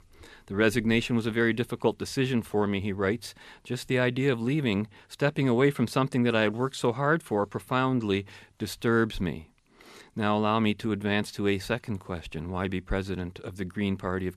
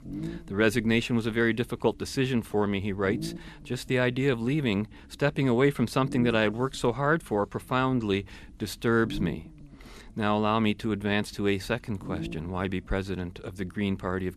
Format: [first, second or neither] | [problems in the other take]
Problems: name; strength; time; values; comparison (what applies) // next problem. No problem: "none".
first | low rumble; noticeable; throughout; 15 dB below the speech